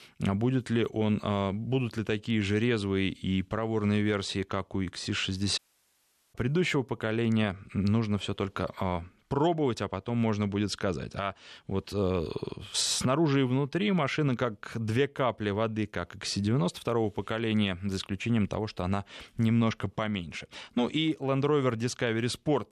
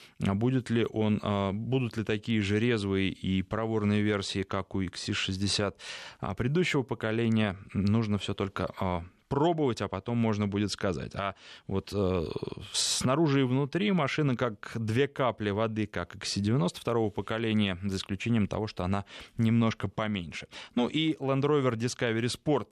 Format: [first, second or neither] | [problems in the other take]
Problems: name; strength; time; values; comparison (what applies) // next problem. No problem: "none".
second | audio cutting out; at 5.5 s for 1 s